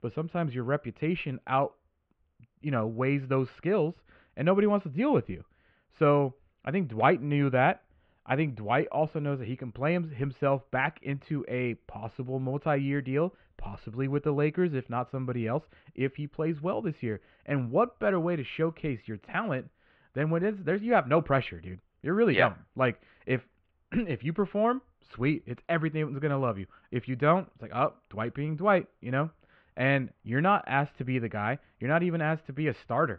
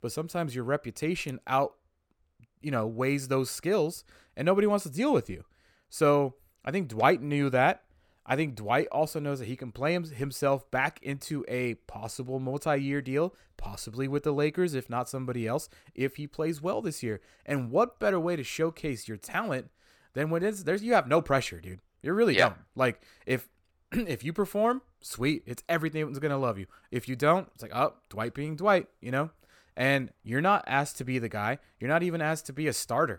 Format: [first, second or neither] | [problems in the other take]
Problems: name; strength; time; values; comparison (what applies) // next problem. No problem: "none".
second | muffled; very; fading above 3 kHz